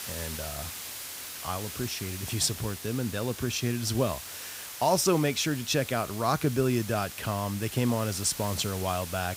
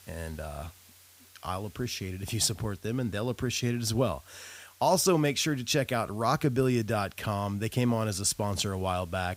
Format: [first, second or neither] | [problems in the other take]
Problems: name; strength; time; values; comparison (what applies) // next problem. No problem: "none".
second | hiss; loud; throughout; 9 dB below the speech; faint in the second